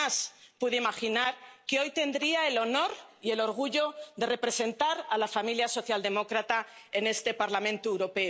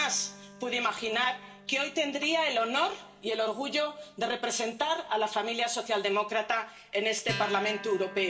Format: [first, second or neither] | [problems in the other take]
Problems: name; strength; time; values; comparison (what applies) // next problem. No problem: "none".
first | background sound (Acoustic guitar); 16 dB below the speech // room echo; dies away in 0.5 s